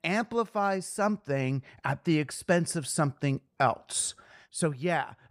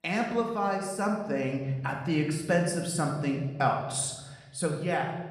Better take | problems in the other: first | room echo; noticeable; dies away in 1.1 s // off-mic speech; somewhat distant

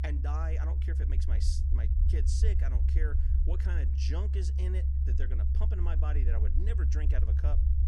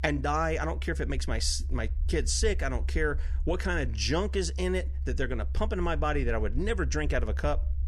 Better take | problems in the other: second | low rumble; loud; throughout; 3 dB below the speech; faint in the second

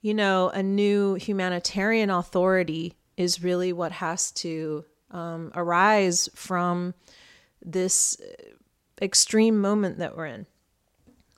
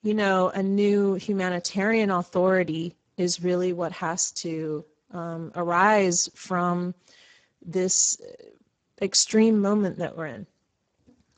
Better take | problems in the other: first | garbled, watery; badly; nothing above 7.5 kHz

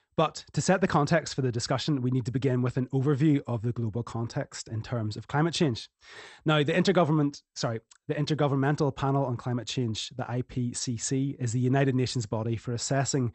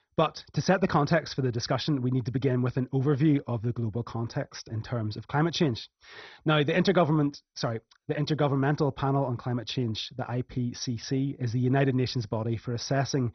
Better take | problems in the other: first | garbled, watery; badly; nothing above 6 kHz; slightly in the first

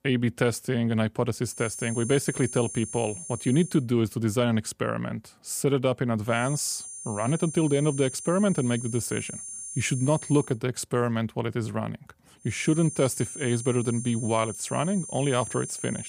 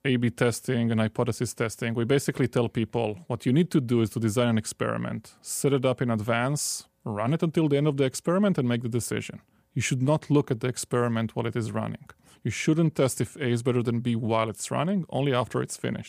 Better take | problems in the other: second | high-pitched whine; loud; from 1.5 to 3.5 s, from 6.5 to 10 s and from 13 s on; 9.5 kHz, 9 dB below the speech

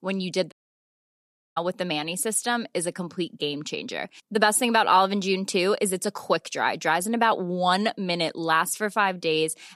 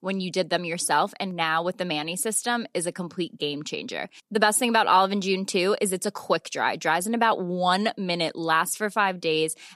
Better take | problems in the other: second | audio cutting out; at 0.5 s for 1 s

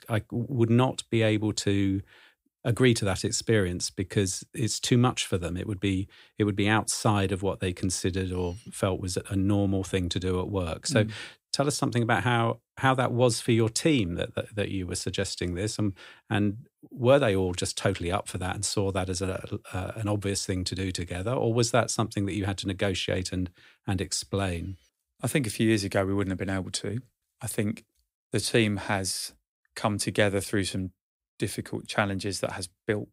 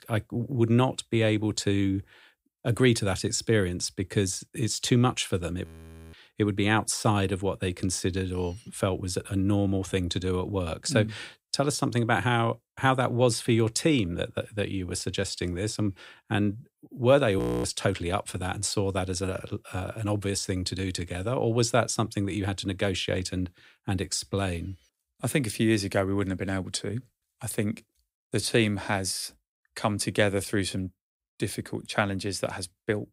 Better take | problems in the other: first | audio freezing; at 5.5 s and at 17 s

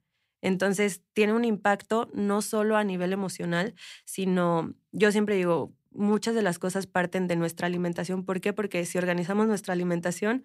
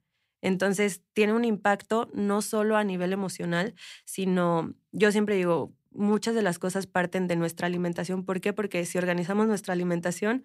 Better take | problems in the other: neither | none

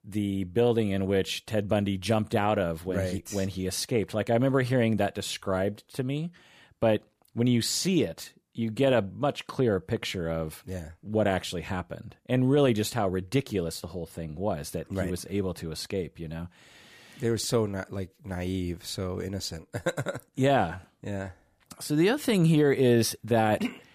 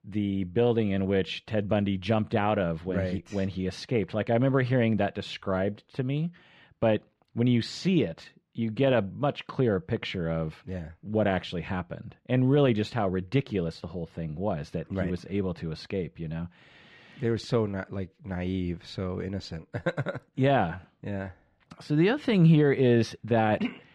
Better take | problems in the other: first | muffled; slightly; fading above 3 kHz

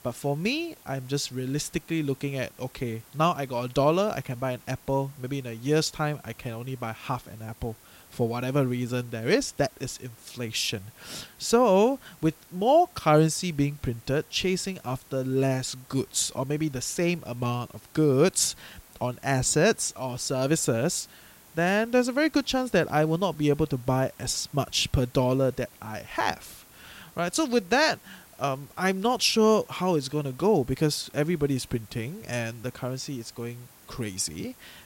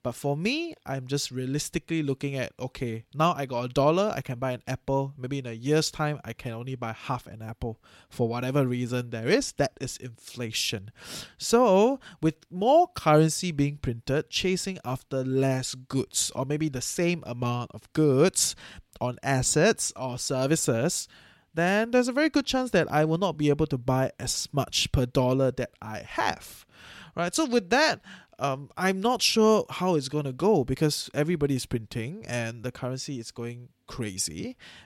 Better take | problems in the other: second | hiss; faint; throughout; 25 dB below the speech

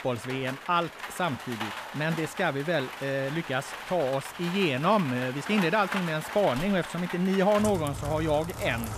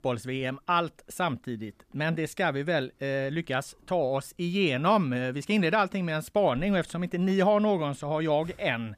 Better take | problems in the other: second | rain or running water; loud; throughout; 9 dB below the speech

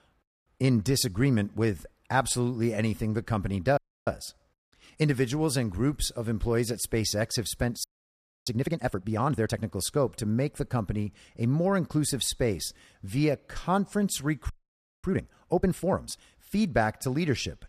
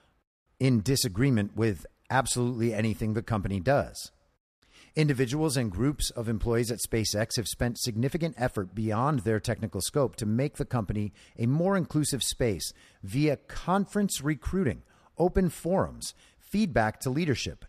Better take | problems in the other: second | audio freezing; at 4 s, at 8 s for 0.5 s and at 15 s for 0.5 s

